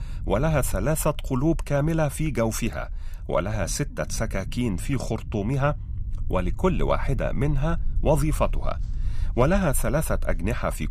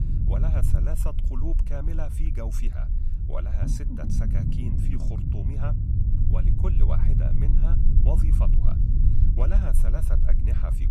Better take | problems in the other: first | low rumble; loud; throughout; 1 dB below the speech; faint in the first

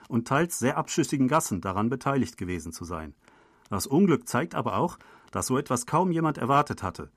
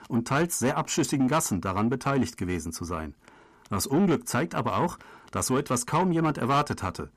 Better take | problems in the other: first | distortion; slight; 10 dB below the speech

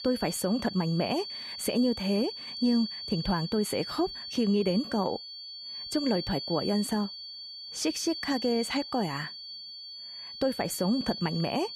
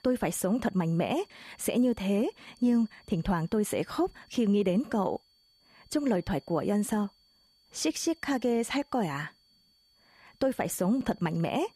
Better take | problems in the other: second | high-pitched whine; loud; throughout; 4.5 kHz, 8 dB below the speech; faint in the second

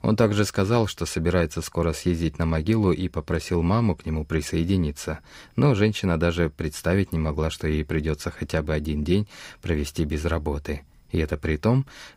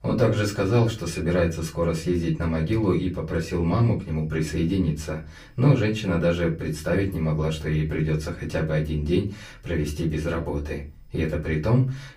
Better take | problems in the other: first | off-mic speech; far // room echo; very slight; dies away in 0.3 s

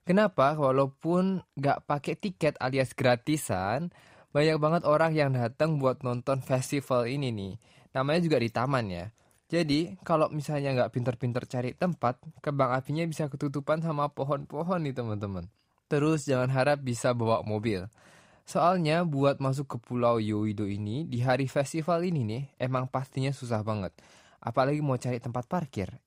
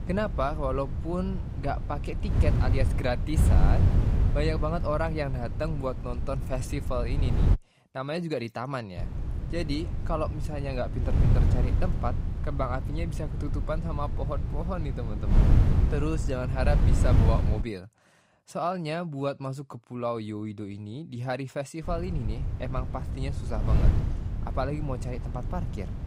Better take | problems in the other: first | wind noise on the microphone; heavy; until 7.5 s, from 9 to 18 s and from 22 s on; 7 dB below the speech

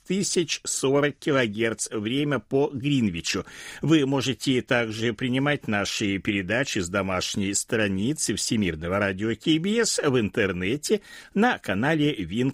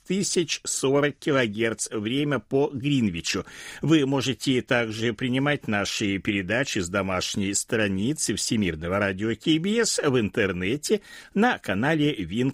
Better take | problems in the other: neither | none

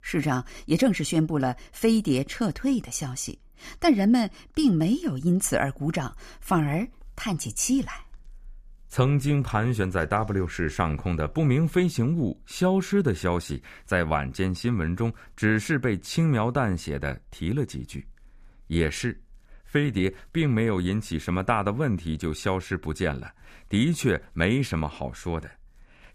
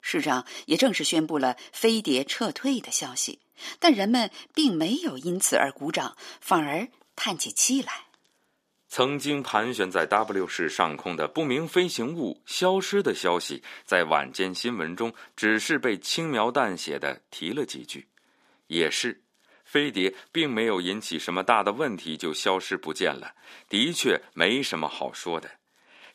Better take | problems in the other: first | thin; somewhat; fading below 300 Hz

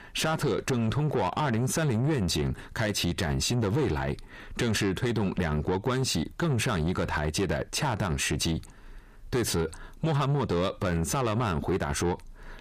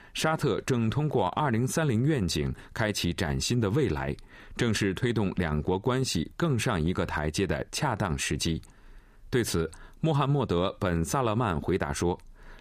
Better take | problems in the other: second | distortion; slight; 10 dB below the speech

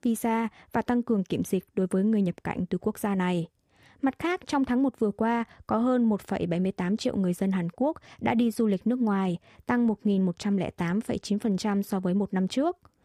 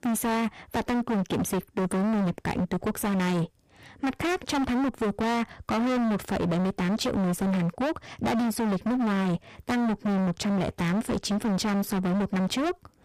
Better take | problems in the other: first | distortion; heavy; 38% of the sound clipped

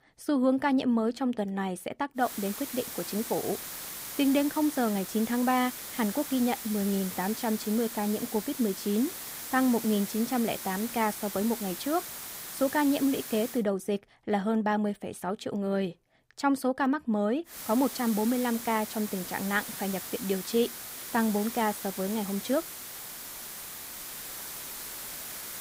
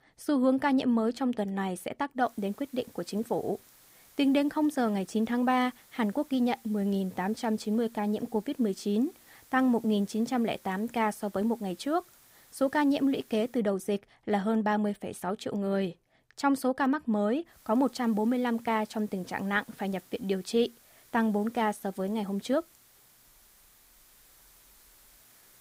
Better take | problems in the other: second | hiss; loud; from 2 to 14 s and from 18 s on; 8 dB below the speech; faint in the second

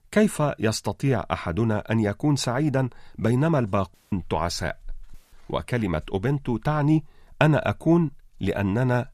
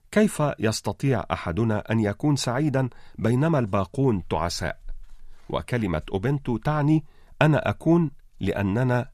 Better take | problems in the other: second | audio cutting out; at 4 s and at 5 s

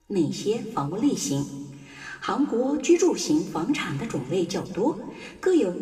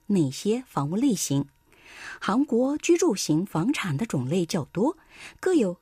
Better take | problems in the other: second | room echo; slight; dies away in 1.3 s

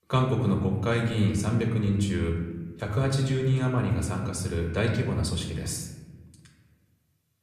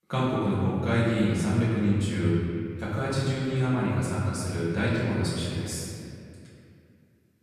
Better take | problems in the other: first | room echo; strong; dies away in 2.2 s; slight in the first // off-mic speech; far; somewhat distant in the first

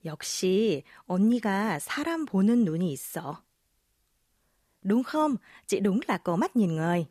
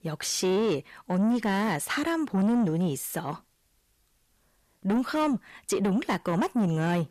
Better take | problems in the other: first | distortion; slight; 10 dB below the speech

